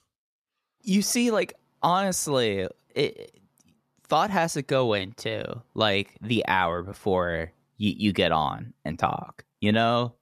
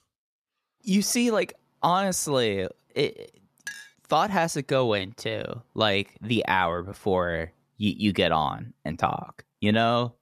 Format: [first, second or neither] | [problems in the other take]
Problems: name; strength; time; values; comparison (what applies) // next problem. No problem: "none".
first | clattering dishes; faint; at 3.5 s; peak 15 dB below the speech